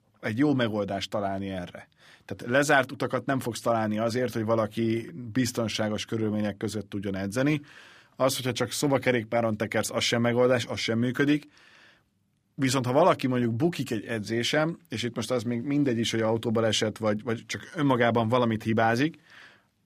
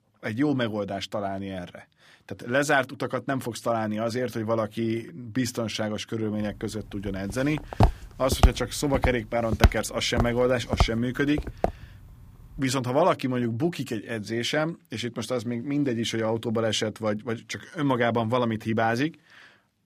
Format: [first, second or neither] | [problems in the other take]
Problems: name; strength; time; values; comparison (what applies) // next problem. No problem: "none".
first | footsteps; loud; from 8 to 12 s; peak 3 dB above the speech